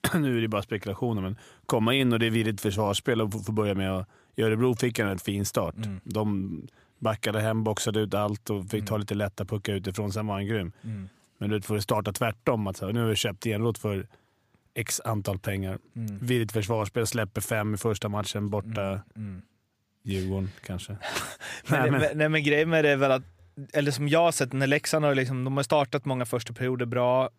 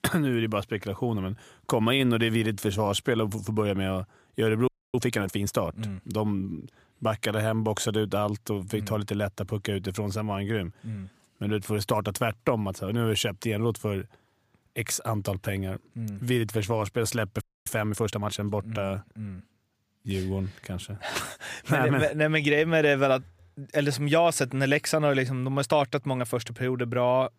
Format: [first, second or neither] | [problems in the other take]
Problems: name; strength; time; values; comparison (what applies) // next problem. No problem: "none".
first | audio freezing; at 4.5 s and at 17 s